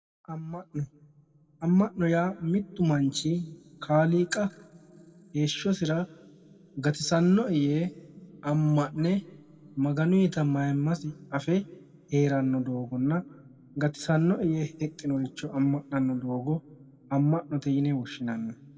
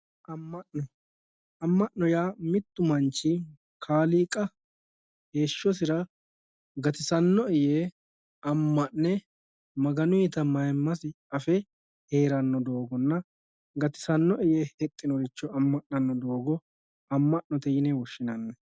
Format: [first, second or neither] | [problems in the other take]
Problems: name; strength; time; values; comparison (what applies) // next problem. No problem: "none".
second | room echo; dies away in 1.4 s